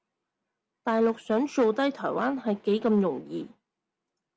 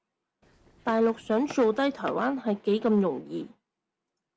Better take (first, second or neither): first